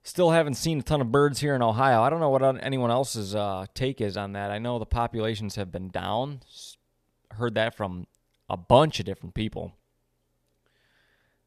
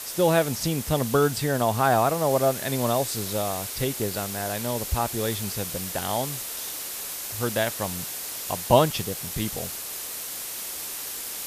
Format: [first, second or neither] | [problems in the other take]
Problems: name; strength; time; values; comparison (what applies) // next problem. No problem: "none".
first | hiss; loud; throughout; 5 dB below the speech